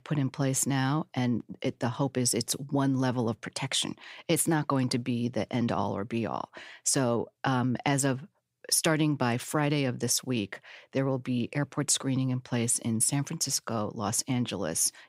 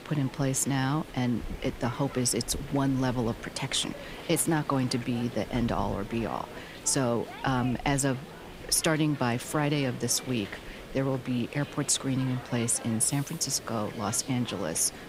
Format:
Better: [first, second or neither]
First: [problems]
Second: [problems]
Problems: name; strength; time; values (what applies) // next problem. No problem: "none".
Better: first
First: none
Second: hiss; noticeable; throughout; 15 dB below the speech